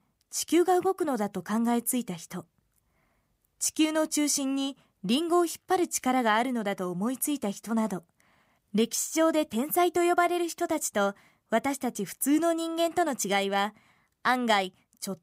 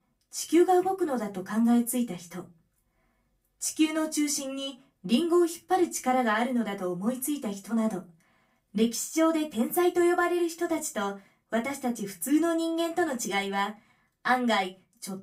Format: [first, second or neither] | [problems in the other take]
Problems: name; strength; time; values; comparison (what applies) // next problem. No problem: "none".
first | off-mic speech; far // room echo; very slight; dies away in 0.2 s